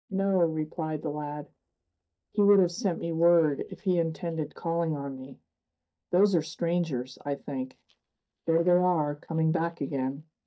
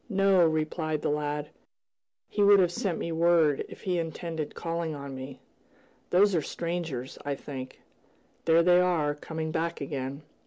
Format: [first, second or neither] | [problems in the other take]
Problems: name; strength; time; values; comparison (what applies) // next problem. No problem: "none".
second | noise reduction (neural mask model DeepFilterNet 3)